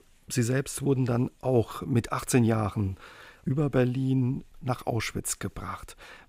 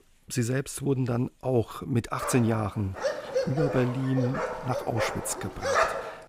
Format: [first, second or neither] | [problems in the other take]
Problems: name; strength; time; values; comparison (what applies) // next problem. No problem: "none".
first | dog barking; loud; from 2 s on; peak 4 dB above the speech